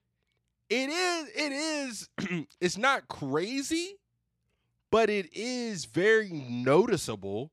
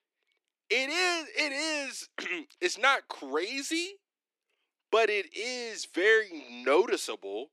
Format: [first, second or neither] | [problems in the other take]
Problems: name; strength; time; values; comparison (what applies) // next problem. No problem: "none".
first | thin; somewhat; fading below 300 Hz